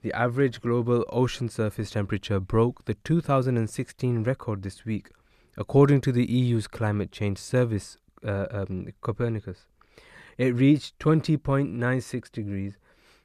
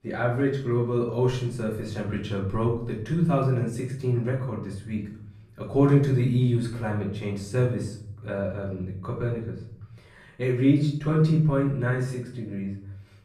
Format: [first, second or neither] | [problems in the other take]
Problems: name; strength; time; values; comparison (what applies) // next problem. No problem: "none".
first | room echo; noticeable; dies away in 0.7 s // off-mic speech; far